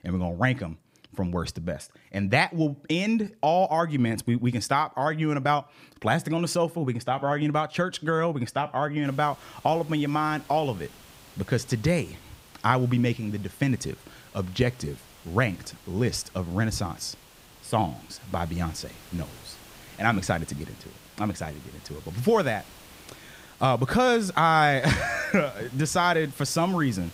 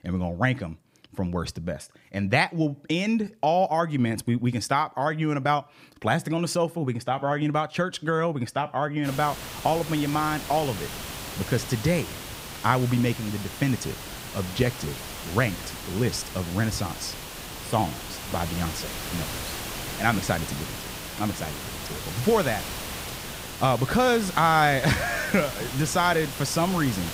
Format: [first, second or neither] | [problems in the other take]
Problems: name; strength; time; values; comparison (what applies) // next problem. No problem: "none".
first | hiss; loud; from 9 s on; 9 dB below the speech; faint in the first